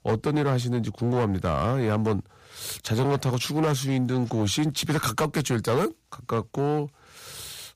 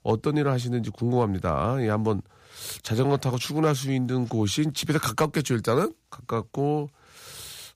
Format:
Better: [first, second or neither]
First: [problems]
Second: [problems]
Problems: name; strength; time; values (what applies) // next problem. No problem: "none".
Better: second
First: distortion; slight; 8% of the sound clipped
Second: none